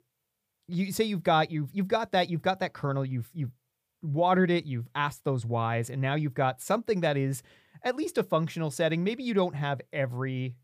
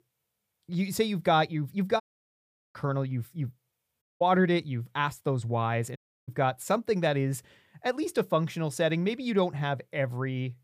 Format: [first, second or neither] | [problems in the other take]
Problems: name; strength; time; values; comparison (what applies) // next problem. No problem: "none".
first | audio cutting out; at 2 s for 0.5 s, at 4 s and at 6 s